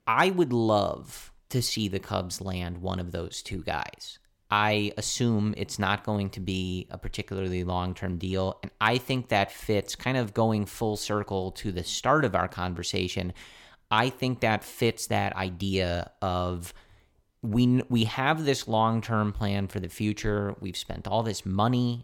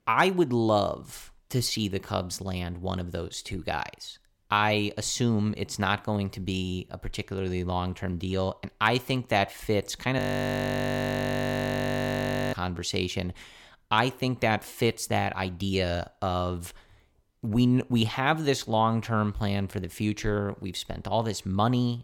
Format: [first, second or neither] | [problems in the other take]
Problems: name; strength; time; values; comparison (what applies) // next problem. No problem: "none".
first | audio freezing; at 10 s for 2.5 s